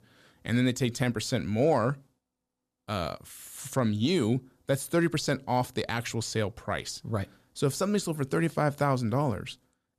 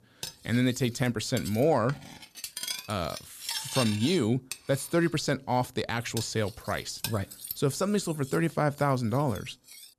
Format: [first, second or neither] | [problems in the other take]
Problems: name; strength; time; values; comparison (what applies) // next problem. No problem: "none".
first | clattering dishes; noticeable; until 9.5 s; peak 2 dB below the speech